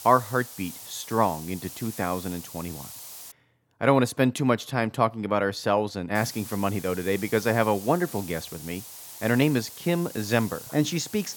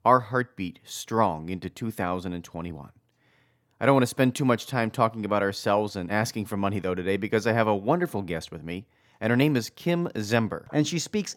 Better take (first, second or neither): second